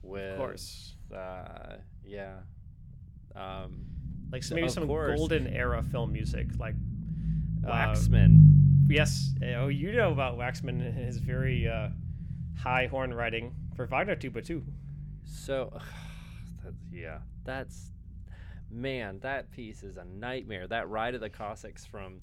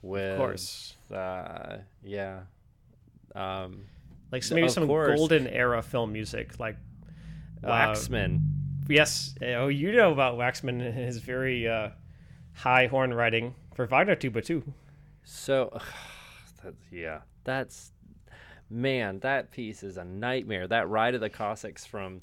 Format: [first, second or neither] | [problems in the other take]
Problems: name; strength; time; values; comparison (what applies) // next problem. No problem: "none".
second | low rumble; loud; throughout; 3 dB below the speech; faint in the second